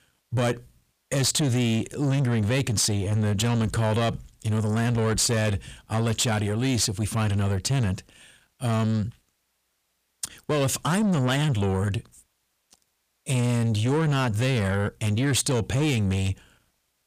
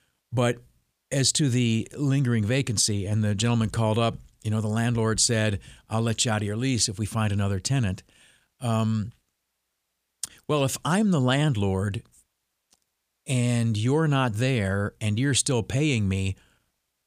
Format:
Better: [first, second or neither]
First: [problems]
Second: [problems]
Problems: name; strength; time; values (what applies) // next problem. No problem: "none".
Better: second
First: distortion; slight; 10 dB below the speech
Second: none